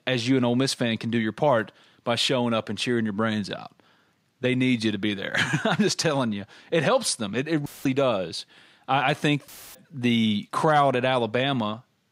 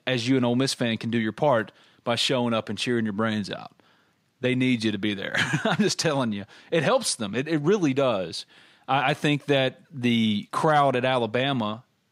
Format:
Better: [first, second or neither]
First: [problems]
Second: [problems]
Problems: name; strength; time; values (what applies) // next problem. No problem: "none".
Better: second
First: audio cutting out; filled with static; at 7.5 s and at 9.5 s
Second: none